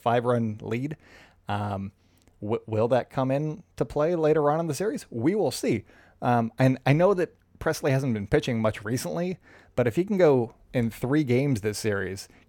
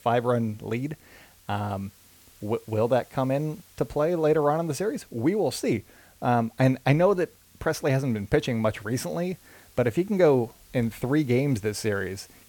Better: first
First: none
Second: hiss; faint; throughout; 30 dB below the speech

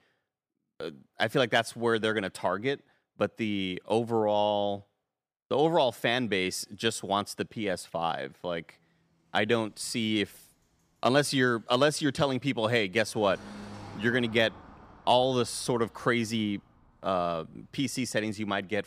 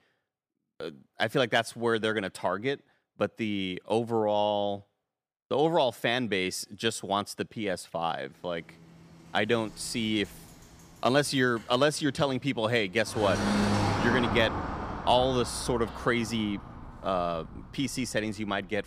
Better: first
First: traffic noise; faint; from 8.5 s on; 20 dB below the speech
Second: traffic noise; loud; from 8.5 s on; 4 dB below the speech

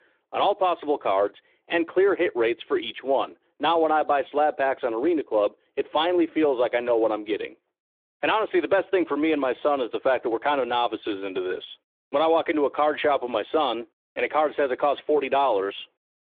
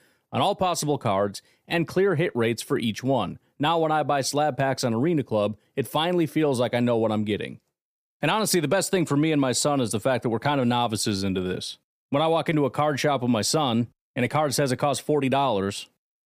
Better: second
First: phone-call audio; nothing above 3.5 kHz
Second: none

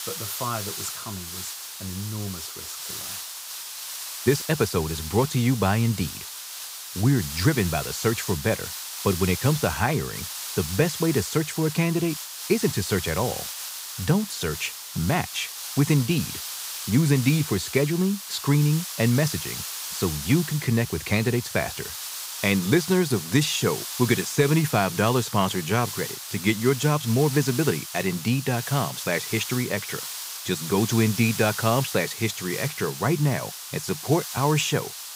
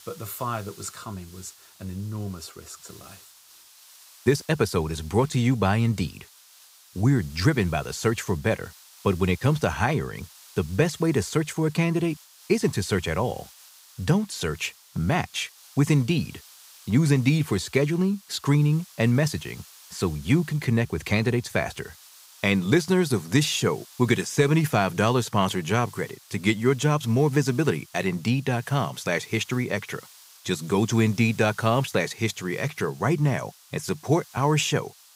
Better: second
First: hiss; loud; throughout; 8 dB below the speech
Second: hiss; faint; throughout; 25 dB below the speech

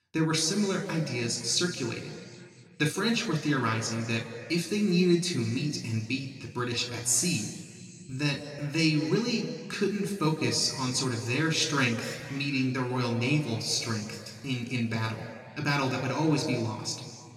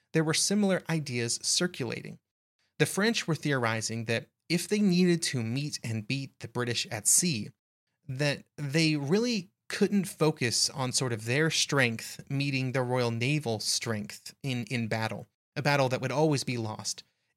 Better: second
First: room echo; slight; dies away in 2 s // off-mic speech; somewhat distant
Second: none

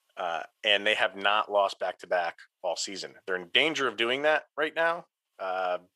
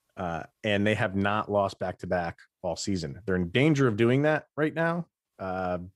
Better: second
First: thin; very; fading below 700 Hz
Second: none

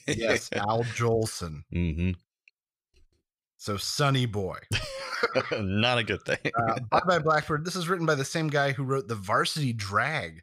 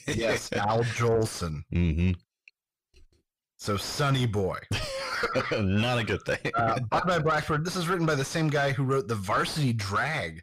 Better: first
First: none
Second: distortion; heavy; 7 dB below the speech

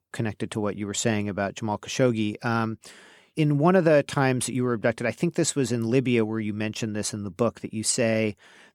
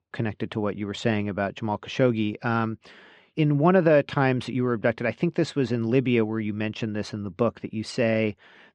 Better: first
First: none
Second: muffled; slightly; fading above 4 kHz

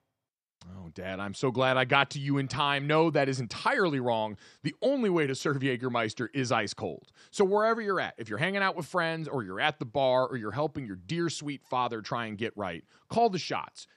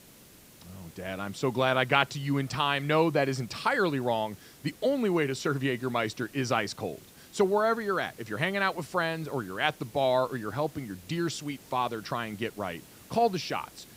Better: first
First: none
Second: hiss; faint; throughout; 20 dB below the speech

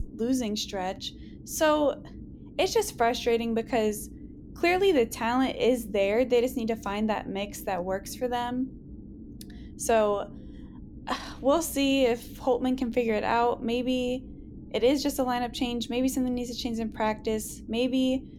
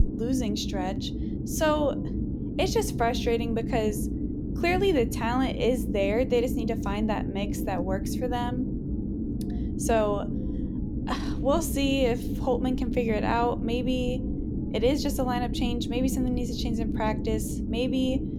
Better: first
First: low rumble; faint; throughout; 25 dB below the speech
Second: low rumble; loud; throughout; 9 dB below the speech

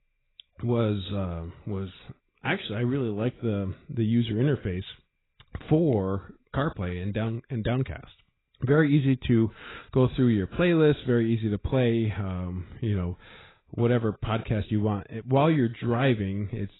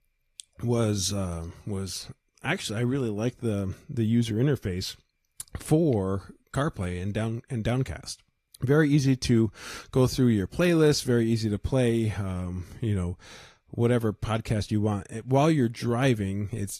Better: second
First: garbled, watery; badly; nothing above 4 kHz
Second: garbled, watery; slightly; nothing above 14.5 kHz

